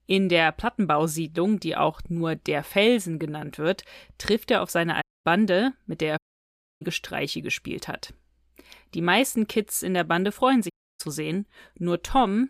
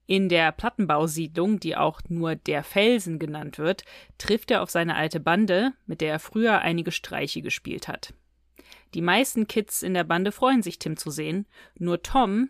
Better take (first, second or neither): second